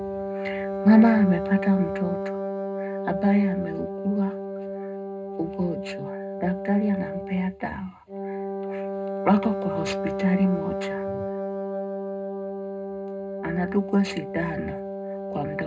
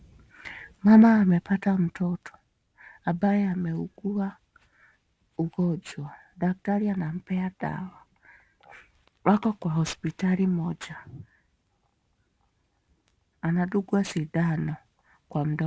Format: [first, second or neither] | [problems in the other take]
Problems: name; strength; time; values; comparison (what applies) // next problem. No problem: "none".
second | background sound (Wind instrument, woodwind instrument); 5 dB below the speech // room echo; dies away in 0.2 s